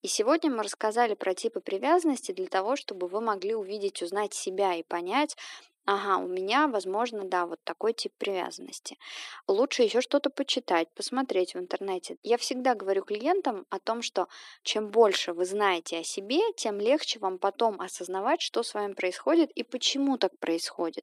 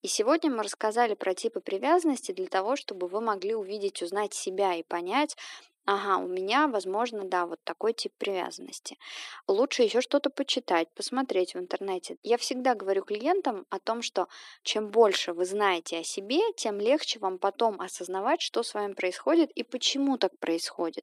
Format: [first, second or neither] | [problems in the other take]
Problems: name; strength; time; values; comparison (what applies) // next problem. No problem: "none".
neither | thin; somewhat; fading below 300 Hz; the same in both